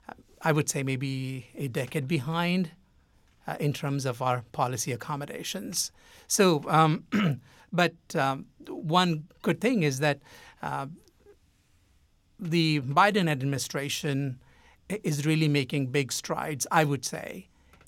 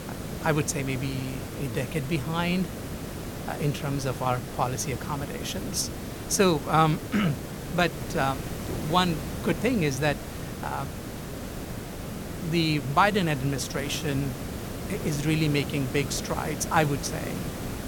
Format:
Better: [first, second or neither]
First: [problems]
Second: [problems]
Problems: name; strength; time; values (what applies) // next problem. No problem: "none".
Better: first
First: none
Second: hiss; loud; throughout; 8 dB below the speech